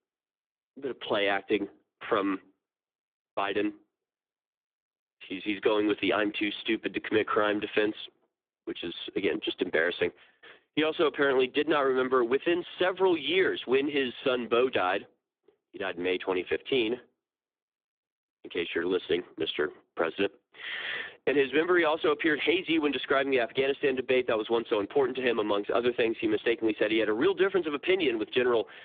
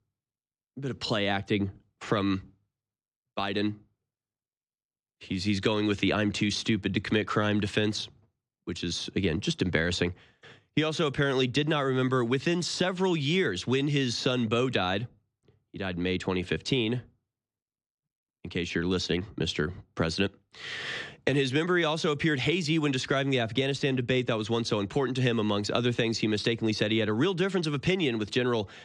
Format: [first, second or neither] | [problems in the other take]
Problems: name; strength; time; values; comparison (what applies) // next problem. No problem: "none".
second | phone-call audio; poor line; nothing above 3.5 kHz